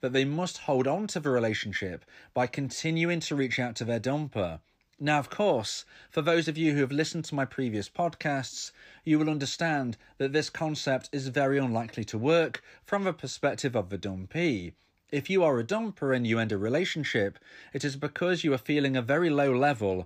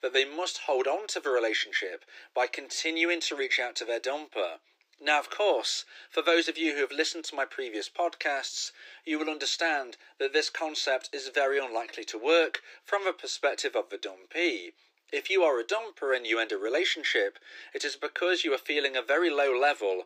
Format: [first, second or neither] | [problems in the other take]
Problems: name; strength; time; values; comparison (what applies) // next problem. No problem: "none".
first | thin; very; fading below 350 Hz